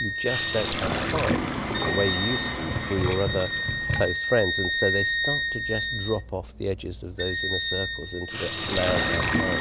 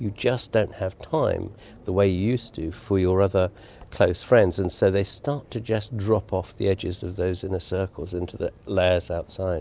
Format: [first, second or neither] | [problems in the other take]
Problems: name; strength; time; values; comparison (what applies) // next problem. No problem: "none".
second | background sound (Wind instrument, woodwind instrument + Sink (filling or washing)); 2 dB above the speech